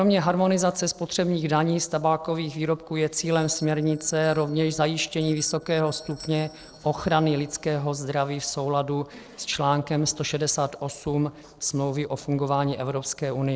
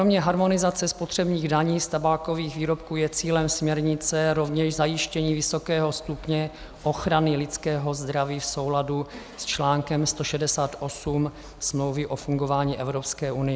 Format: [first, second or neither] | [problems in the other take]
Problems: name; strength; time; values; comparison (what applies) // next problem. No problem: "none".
second | noise reduction (neural separator model SepFormer DNS4)